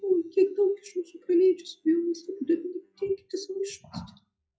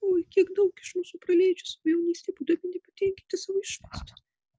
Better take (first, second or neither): second